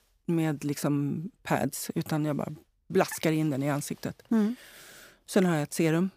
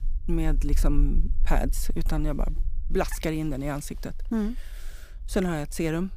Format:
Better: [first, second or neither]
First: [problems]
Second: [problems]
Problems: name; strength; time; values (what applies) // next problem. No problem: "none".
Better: first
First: none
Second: low rumble; faint; throughout; 25 dB below the speech